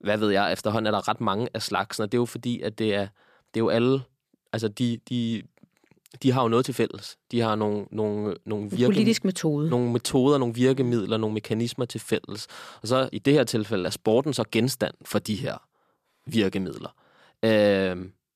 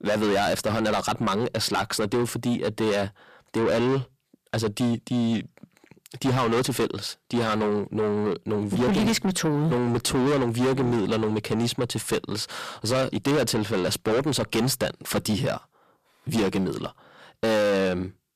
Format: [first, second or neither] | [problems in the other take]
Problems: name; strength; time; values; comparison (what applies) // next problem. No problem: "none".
first | distortion; heavy; 5 dB below the speech